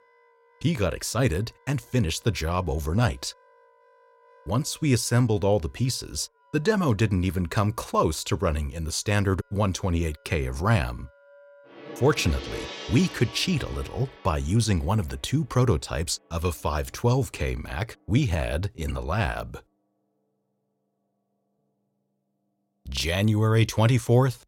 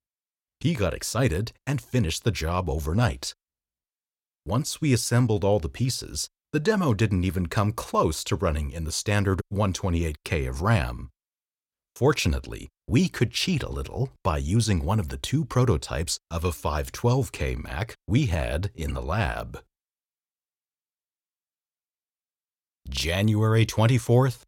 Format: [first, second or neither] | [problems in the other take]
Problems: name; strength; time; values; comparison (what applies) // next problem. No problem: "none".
second | background music; noticeable; throughout; 20 dB below the speech